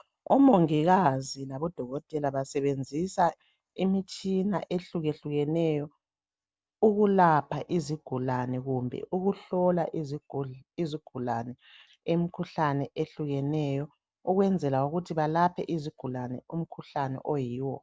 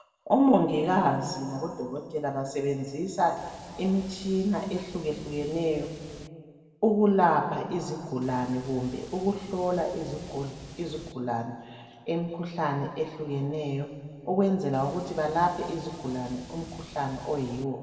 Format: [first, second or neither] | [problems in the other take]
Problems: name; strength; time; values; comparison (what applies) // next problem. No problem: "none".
first | background sound (Water); 18 dB below the speech // room echo; dies away in 1.8 s